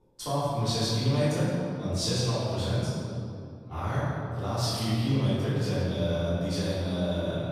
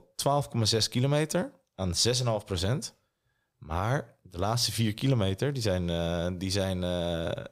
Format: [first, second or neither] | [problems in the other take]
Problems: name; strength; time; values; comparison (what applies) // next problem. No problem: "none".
second | room echo; strong; dies away in 2.3 s // off-mic speech; far